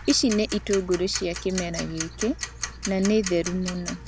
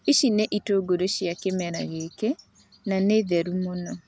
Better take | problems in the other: second | background sound (Tick-tock); 9 dB below the speech

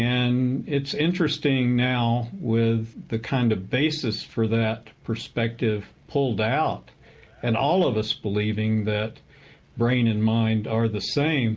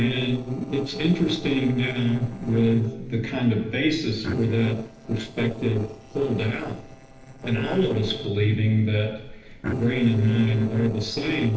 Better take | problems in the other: first | noise reduction (neural separator model SepFormer DNS4)

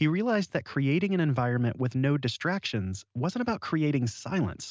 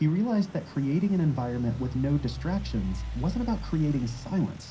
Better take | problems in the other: first | background sound (Idling / Truck); 10 dB below the speech // room echo; dies away in 0.3 s

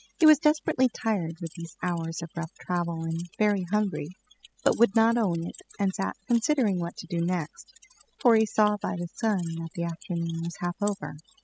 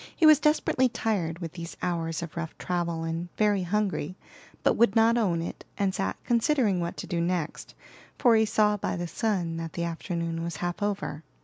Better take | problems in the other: second | noise reduction (classical method spectral subtraction)

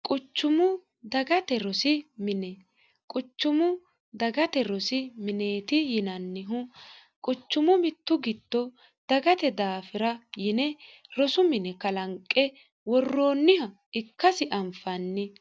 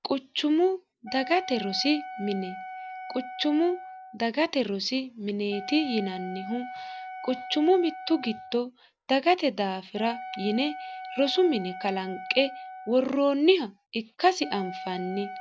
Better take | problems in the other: first | background sound (Wind instrument, woodwind instrument); 13 dB below the speech

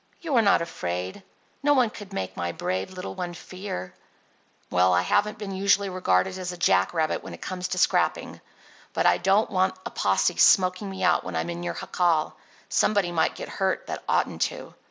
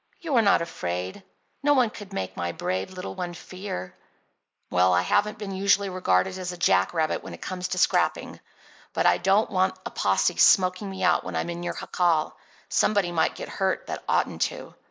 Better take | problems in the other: first | noise reduction (neural mask model Resemble Enhance denoiser)

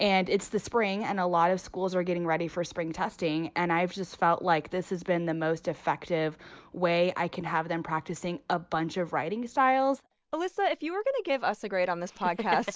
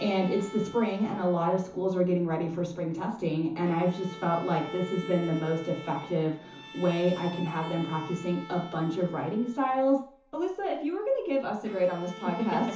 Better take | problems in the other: first | background sound (Bowed string instrument); 17 dB below the speech // room echo; dies away in 0.9 s

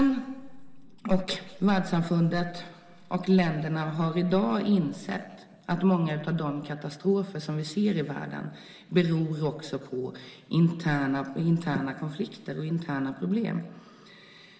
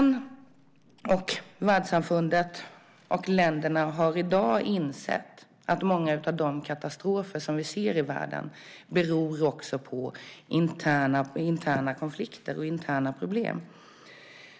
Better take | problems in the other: second | room echo; dies away in 1.3 s

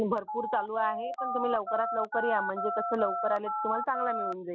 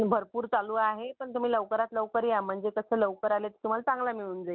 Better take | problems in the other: second | noise reduction (classical method Wiener filter)

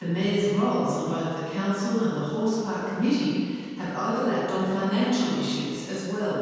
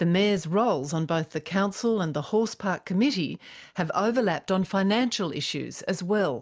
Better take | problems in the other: second | room echo; dies away in 2.1 s

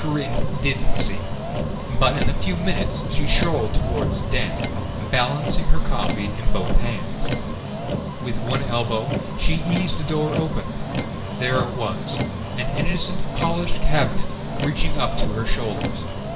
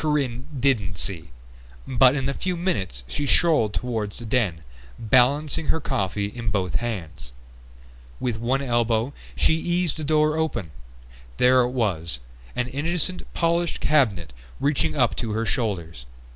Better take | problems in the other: second | background sound (Motor vehicle (road)); 6 dB below the speech // room echo; dies away in 2 s

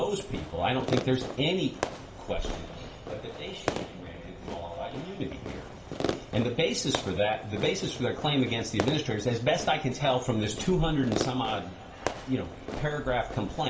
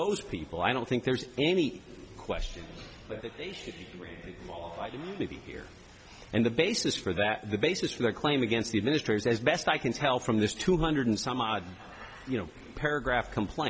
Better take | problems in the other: second | background sound (Fireworks); 8 dB below the speech // room echo; dies away in 0.3 s

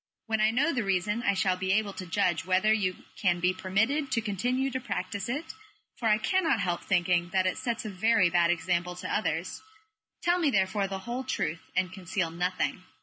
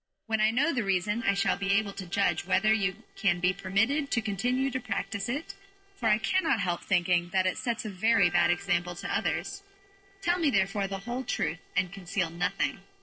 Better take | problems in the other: first | noise reduction (neural separator model SepFormer DNS4)

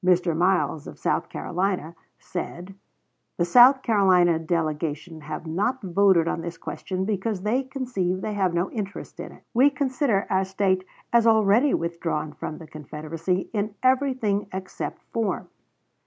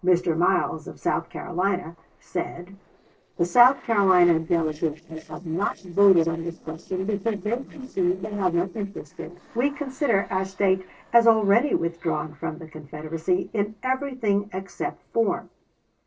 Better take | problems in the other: first | noise reduction (neural separator model SepFormer DNS4)

